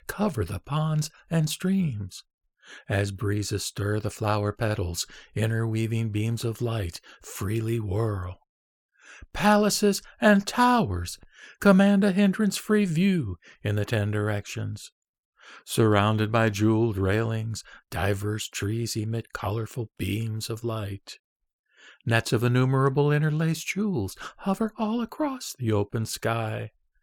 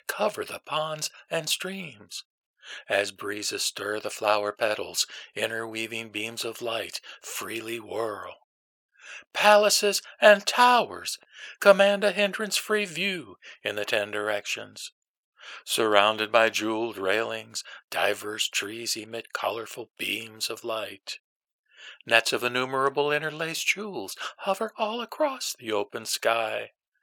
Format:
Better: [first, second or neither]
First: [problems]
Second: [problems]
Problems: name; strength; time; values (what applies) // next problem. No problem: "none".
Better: first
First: none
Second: thin; very; fading below 500 Hz